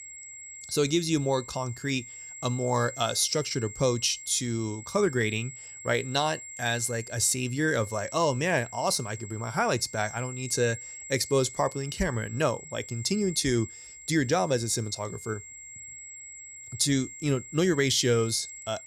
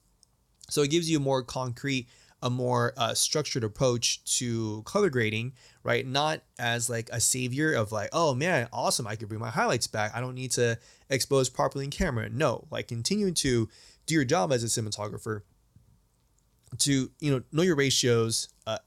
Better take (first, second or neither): second